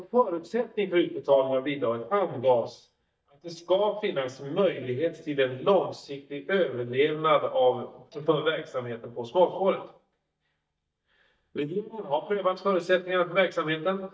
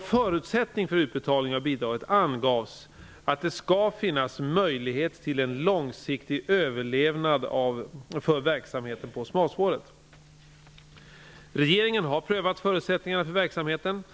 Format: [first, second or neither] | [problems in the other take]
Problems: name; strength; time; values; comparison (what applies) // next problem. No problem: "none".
second | noise reduction (neural mask model DeepFilterNet 3)